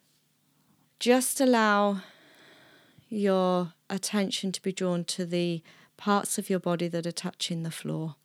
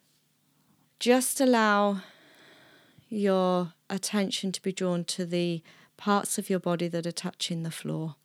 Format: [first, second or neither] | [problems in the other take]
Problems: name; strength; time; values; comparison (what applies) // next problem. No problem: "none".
neither | none